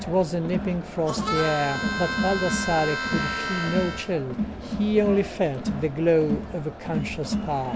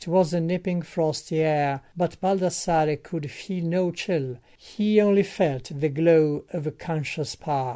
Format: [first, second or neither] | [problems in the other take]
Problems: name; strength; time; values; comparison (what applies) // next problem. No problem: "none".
second | background sound (Harmonica + Crowd); 3 dB below the speech